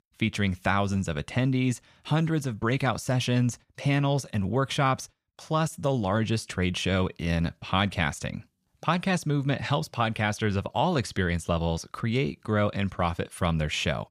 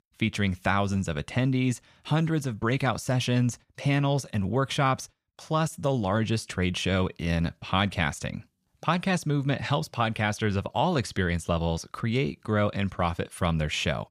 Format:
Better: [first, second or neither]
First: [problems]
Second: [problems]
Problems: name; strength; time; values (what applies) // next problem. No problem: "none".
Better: neither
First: none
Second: none